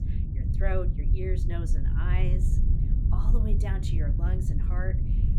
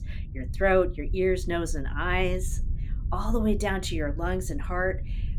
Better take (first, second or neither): second